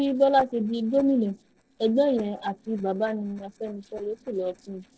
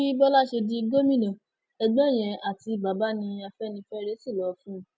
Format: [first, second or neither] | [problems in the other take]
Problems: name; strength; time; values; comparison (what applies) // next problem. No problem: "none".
second | noise reduction (neural separator model SepFormer DNS4)